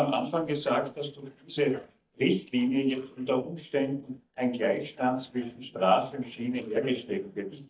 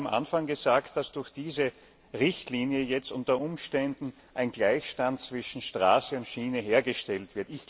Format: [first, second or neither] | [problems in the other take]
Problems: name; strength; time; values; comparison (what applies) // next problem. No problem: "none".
second | noise reduction (neural mask model DeepFilterNet 3)